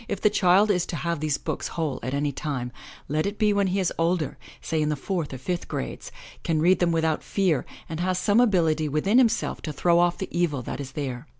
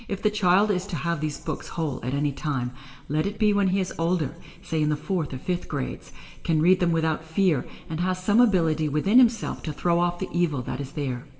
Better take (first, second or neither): first